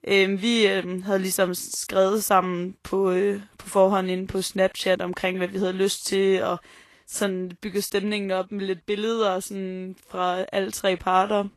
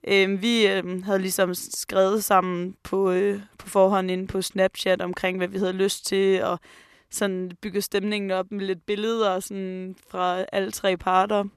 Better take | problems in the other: second | garbled, watery; slightly; nothing above 12.5 kHz

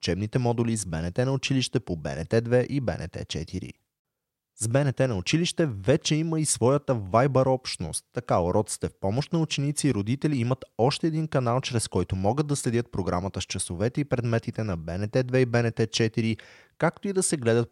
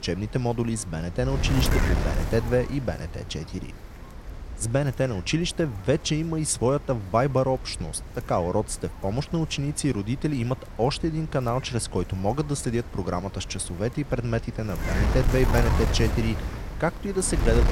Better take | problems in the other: first | wind noise on the microphone; heavy; 9 dB below the speech

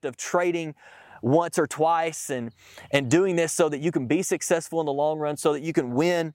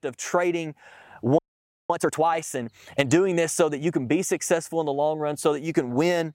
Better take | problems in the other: first | audio freezing; at 1.5 s for 0.5 s

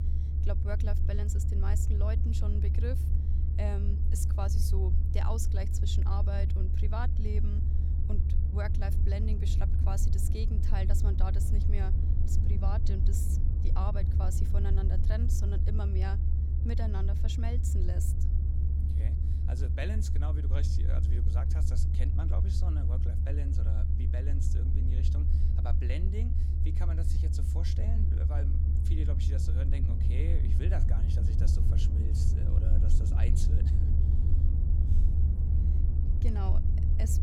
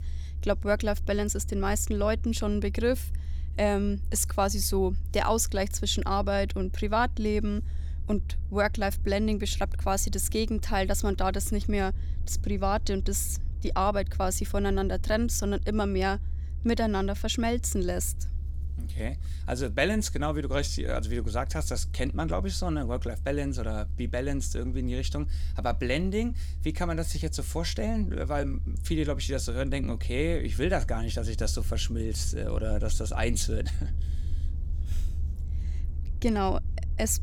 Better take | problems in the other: second | low rumble; loud; throughout; 2 dB below the speech; faint in the second

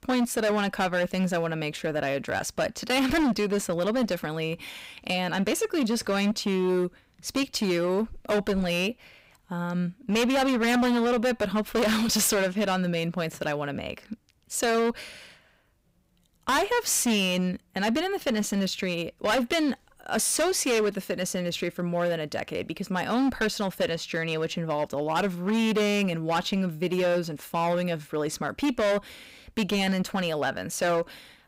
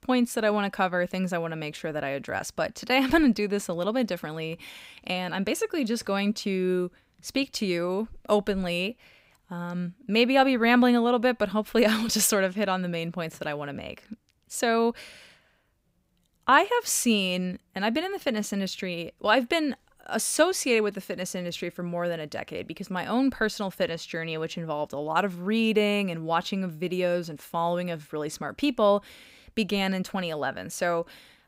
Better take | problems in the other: second | distortion; heavy; 13% of the sound clipped

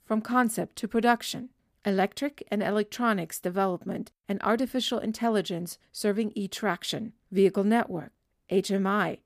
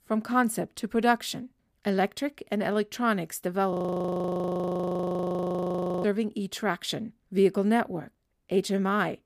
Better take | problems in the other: first | audio freezing; at 3.5 s for 2.5 s

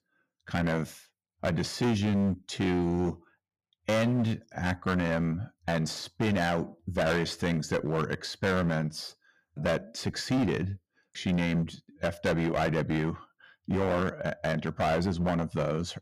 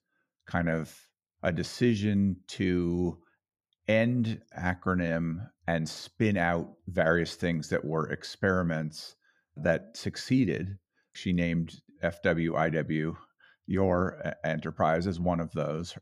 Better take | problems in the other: second | distortion; heavy; 13% of the sound clipped

